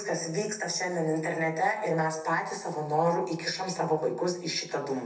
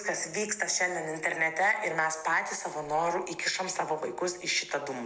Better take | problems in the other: second | room echo; dies away in 0.3 s

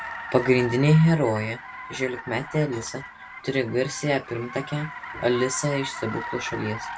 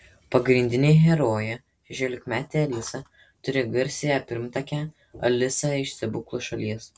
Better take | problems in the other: second | background sound (Car); 12 dB below the speech

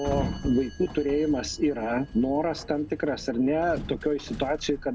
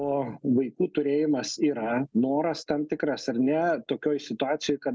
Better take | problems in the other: second | background sound (Sliding door); 11 dB below the speech

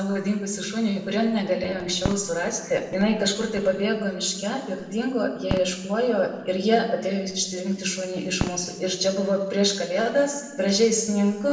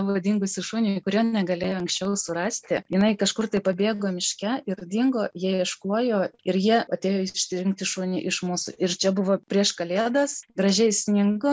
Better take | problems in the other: second | background sound (Fireworks); 13 dB below the speech // room echo; dies away in 1 s

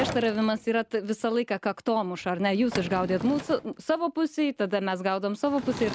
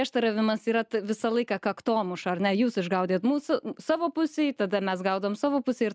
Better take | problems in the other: second | background sound (Sliding door / Wood); 13 dB below the speech

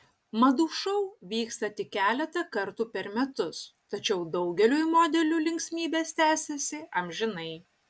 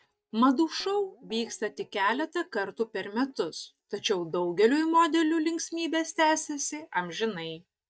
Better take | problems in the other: first | noise reduction (neural mask model DeepFilterNet 3)

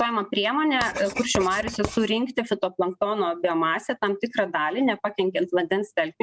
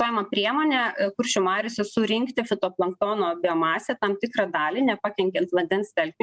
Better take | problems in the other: second | background sound (Writing); 11 dB below the speech

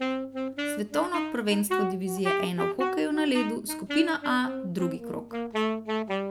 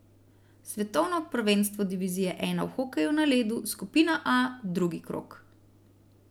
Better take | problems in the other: second | background sound (Wind instrument, woodwind instrument); 1 dB below the speech

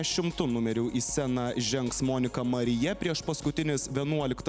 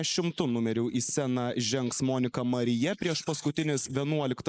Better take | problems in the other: first | noise reduction (neural mask model Resemble Enhance denoiser)

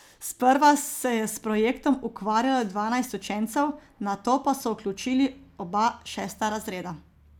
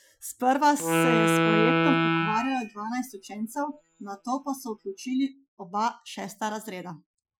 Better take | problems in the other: first | noise reduction (classical method Wiener filter)

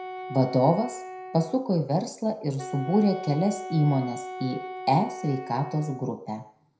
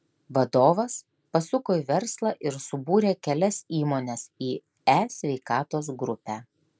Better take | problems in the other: second | background sound (Wind instrument, woodwind instrument); 12 dB below the speech // room echo; dies away in 0.4 s

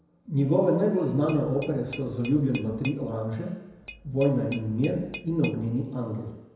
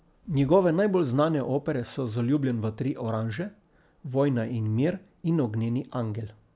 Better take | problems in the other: second | background sound (Tap / Glass); 17 dB below the speech // room echo; dies away in 1 s

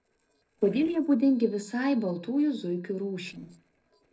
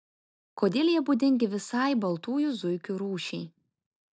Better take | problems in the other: second | noise reduction (neural separator model SepFormer DNS4)

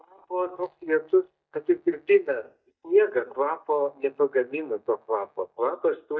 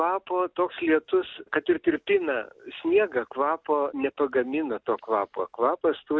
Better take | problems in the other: second | noise reduction (neural mask model DeepFilterNet 3)

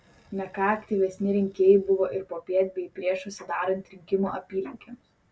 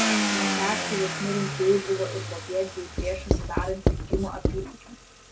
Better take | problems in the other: first | background sound (Writing + Car); 2 dB above the speech

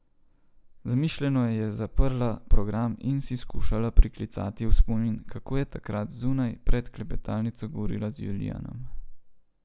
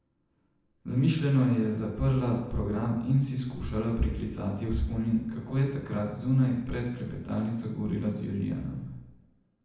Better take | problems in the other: first | room echo; dies away in 0.9 s

